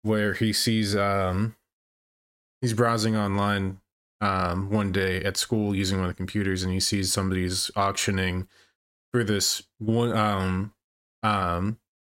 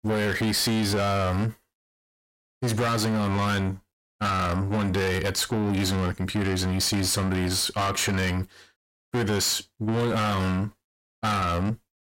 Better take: first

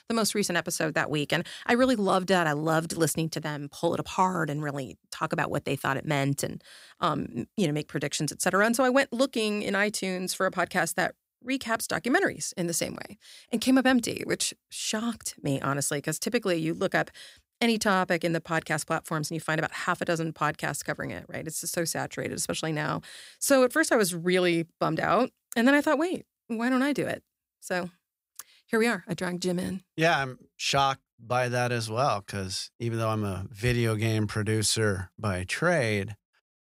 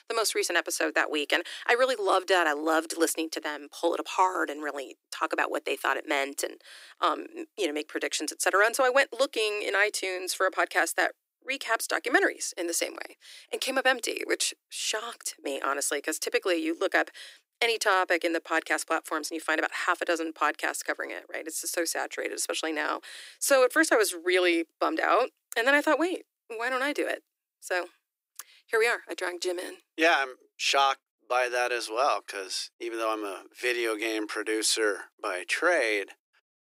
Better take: first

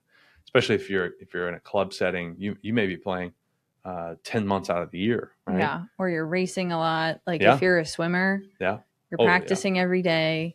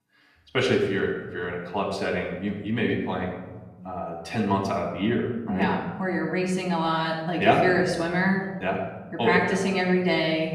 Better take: first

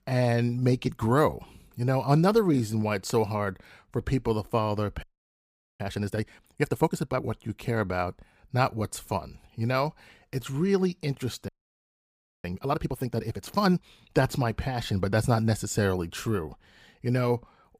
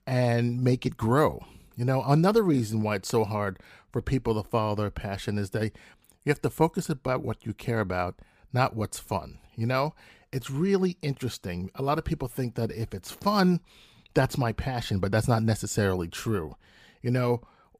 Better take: second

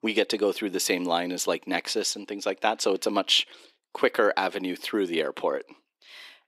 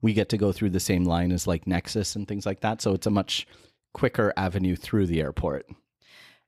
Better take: second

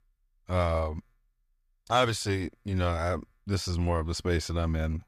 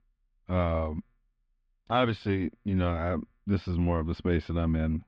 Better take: first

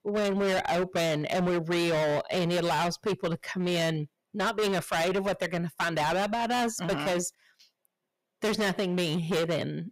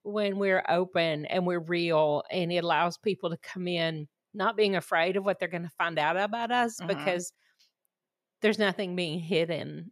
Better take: second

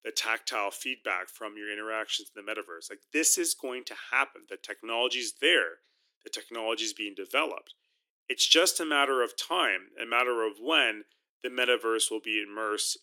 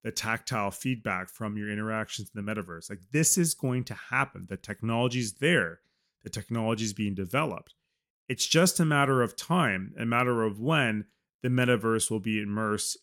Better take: second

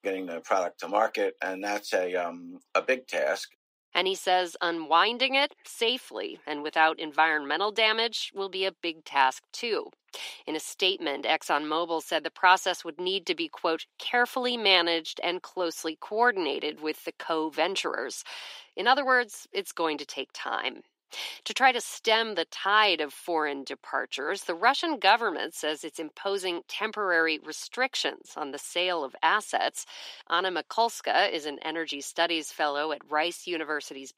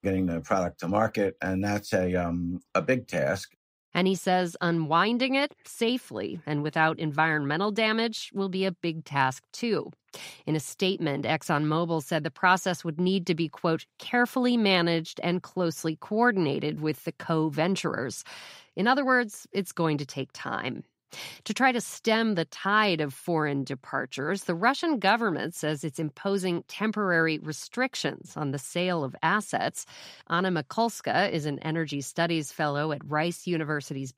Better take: second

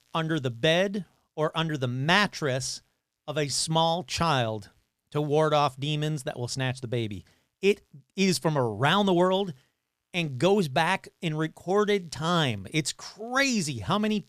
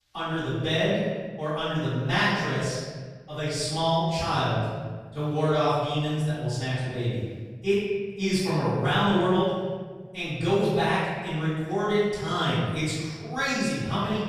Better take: first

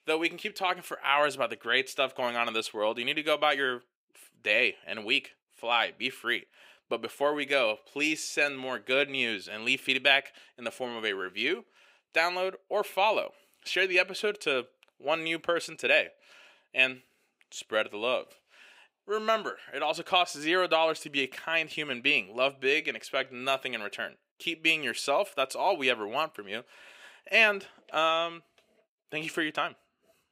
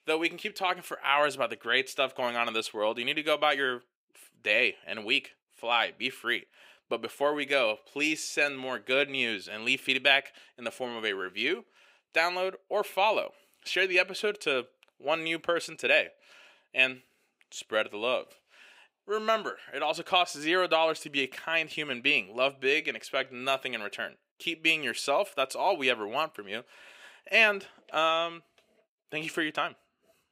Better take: neither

